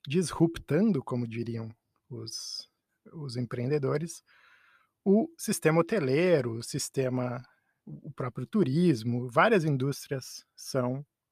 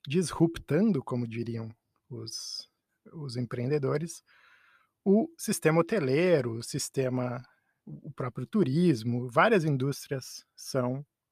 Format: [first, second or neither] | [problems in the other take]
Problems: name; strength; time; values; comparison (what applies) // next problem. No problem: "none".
neither | none